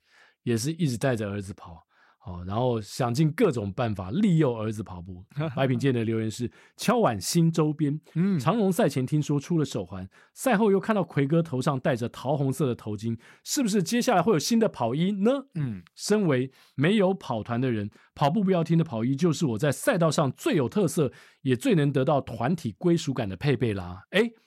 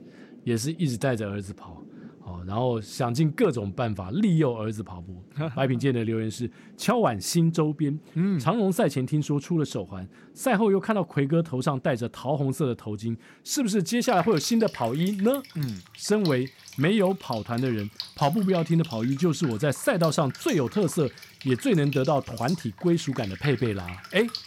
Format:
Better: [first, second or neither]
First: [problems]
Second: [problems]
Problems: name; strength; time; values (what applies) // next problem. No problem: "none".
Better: first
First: none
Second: rain or running water; noticeable; throughout; 20 dB below the speech